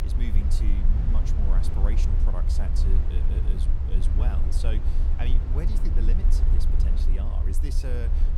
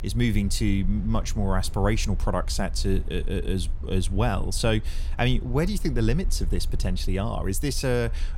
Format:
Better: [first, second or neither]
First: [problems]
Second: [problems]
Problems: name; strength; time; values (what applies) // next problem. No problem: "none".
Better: second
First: low rumble; loud; throughout; 1 dB below the speech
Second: low rumble; faint; throughout; 20 dB below the speech